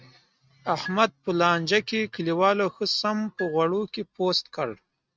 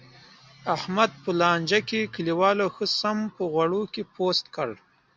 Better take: second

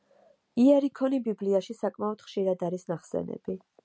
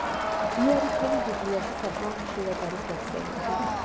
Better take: first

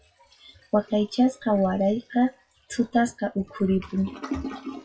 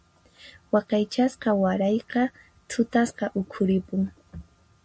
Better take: second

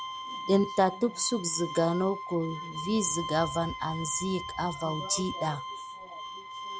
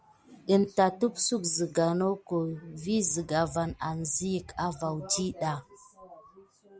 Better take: second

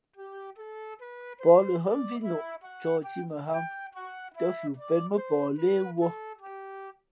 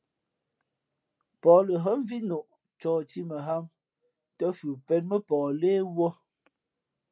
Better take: second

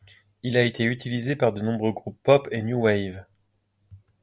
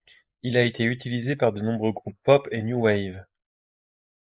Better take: first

